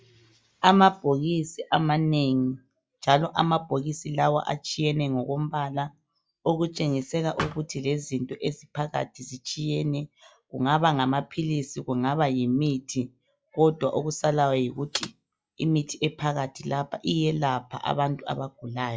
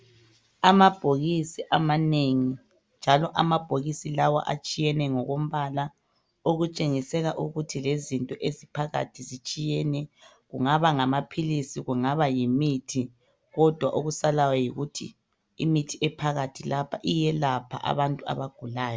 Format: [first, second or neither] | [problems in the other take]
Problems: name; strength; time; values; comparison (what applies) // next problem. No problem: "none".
second | noise reduction (classical method log-MMSE)